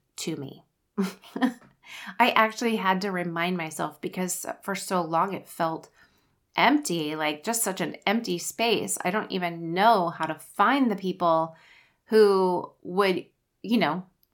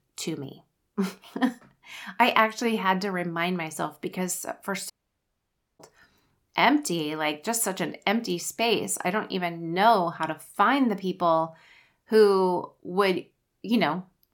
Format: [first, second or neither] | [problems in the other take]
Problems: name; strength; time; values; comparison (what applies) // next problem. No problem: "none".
first | audio cutting out; at 5 s for 1 s